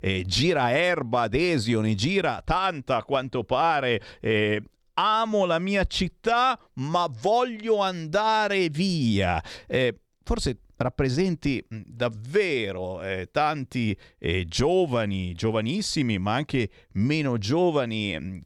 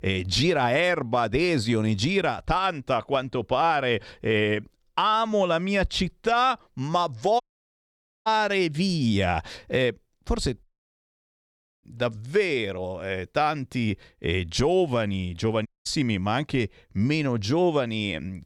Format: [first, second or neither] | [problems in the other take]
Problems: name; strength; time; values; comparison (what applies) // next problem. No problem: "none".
first | audio cutting out; at 7.5 s for 1 s, at 11 s for 1 s and at 16 s